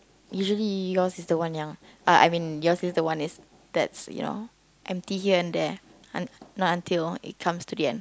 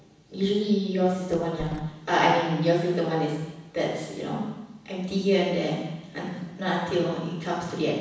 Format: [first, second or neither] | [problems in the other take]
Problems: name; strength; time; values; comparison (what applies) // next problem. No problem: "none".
first | background sound (Door); 16 dB below the speech // room echo; dies away in 1.1 s